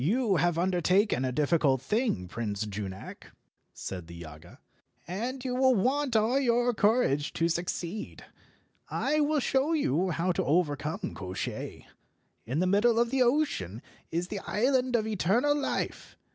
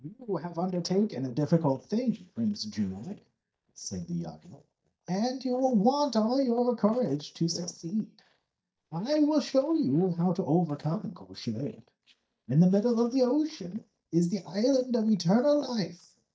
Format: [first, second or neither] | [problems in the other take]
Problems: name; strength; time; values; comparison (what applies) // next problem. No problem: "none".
first | noise reduction (neural mask model DeepFilterNet 3)